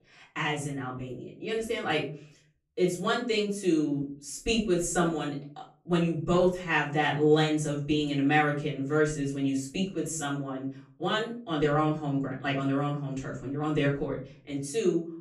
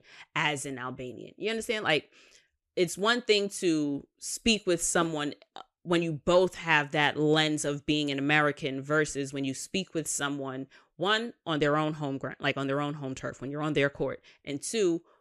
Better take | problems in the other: second | room echo; slight; dies away in 0.5 s // off-mic speech; far

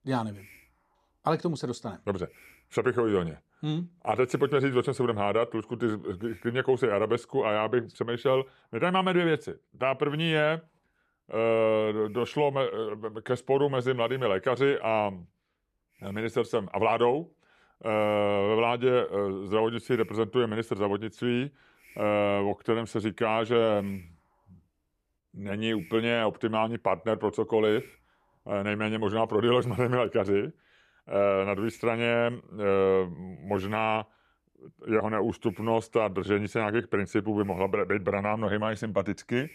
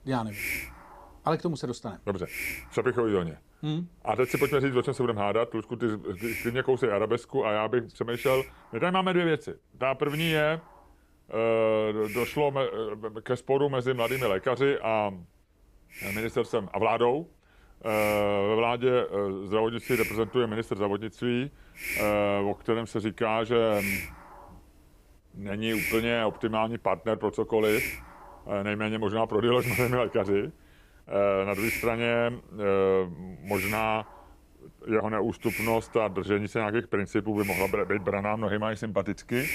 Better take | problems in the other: first | hiss; loud; throughout; 7 dB below the speech; faint in the first

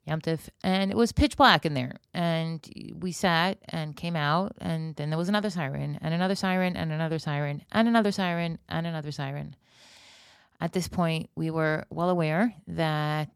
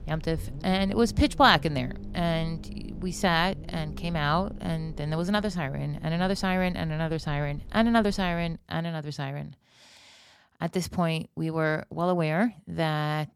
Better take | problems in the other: first | low rumble; faint; until 8.5 s; 25 dB below the speech

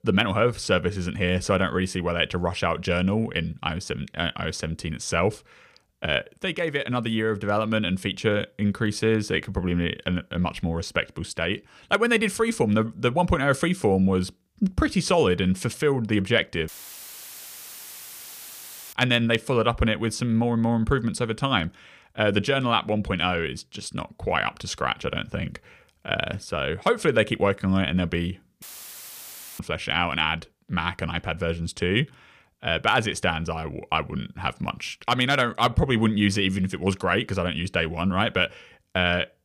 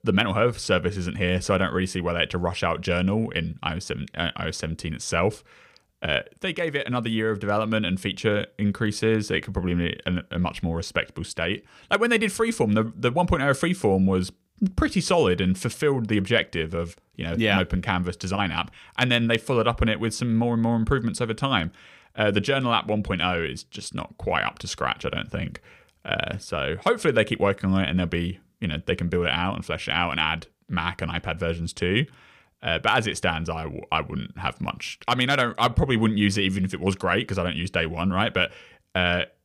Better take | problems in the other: second | audio cutting out; filled with static; at 17 s for 2.5 s and at 29 s for 1 s

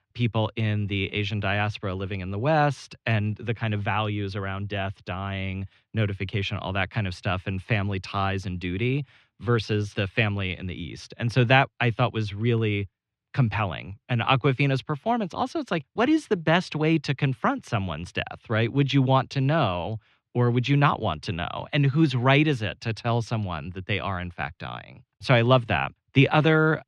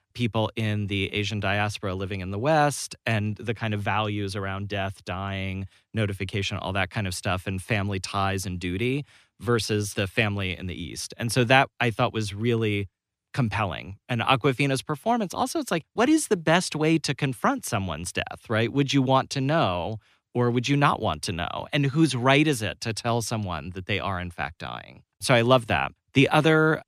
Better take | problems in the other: second | muffled; very slightly; fading above 3 kHz

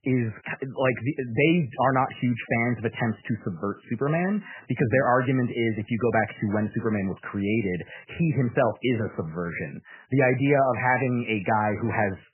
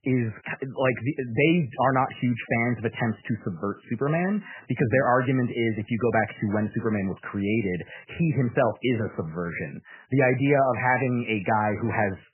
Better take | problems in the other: neither | garbled, watery; badly; nothing above 3 kHz; the same in both

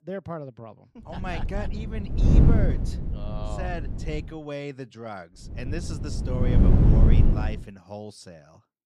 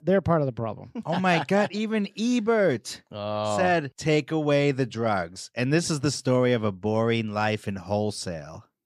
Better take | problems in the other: second | wind noise on the microphone; heavy; from 1 to 4.5 s and from 5.5 to 7.5 s; 2 dB above the speech

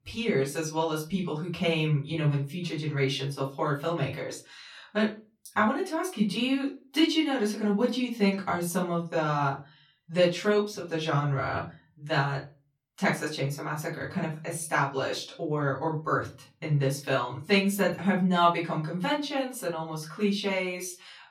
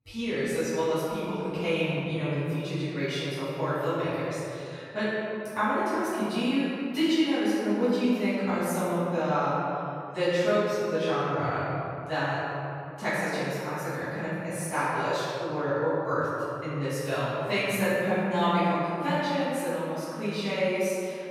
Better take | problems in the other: first | room echo; strong; dies away in 2.5 s; slight in the first // off-mic speech; far; far in the first

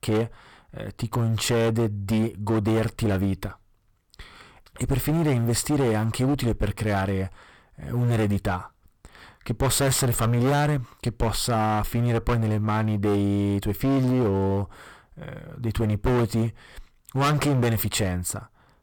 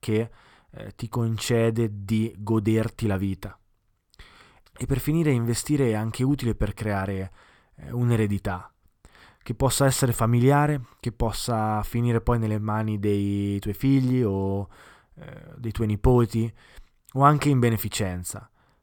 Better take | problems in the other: second | distortion; heavy; 17% of the sound clipped

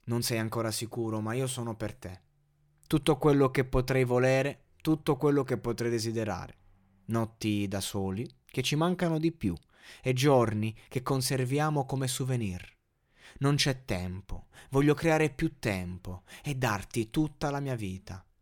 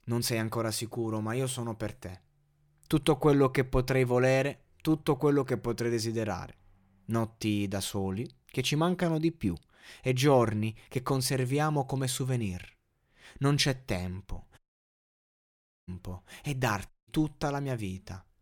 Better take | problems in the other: first | audio cutting out; at 15 s for 1.5 s and at 17 s

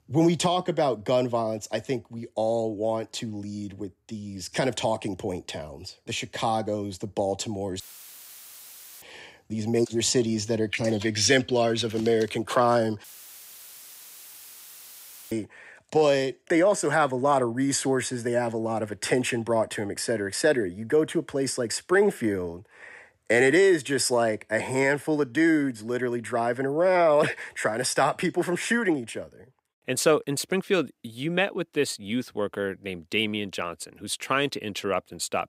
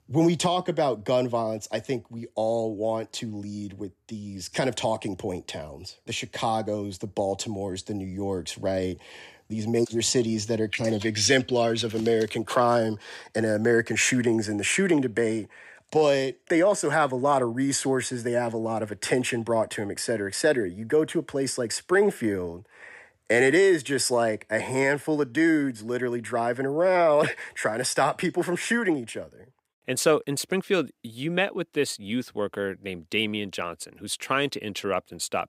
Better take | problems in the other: second | audio cutting out; filled with static; at 8 s for 1 s and at 13 s for 2.5 s

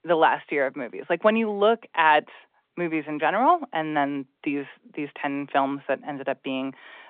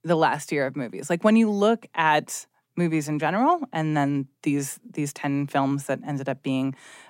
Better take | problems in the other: second | phone-call audio

